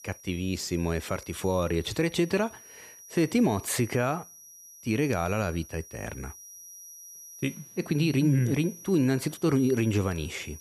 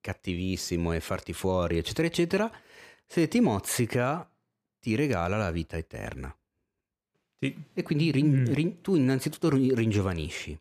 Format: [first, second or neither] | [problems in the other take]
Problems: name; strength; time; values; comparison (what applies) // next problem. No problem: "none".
second | high-pitched whine; noticeable; throughout; 6 kHz, 20 dB below the speech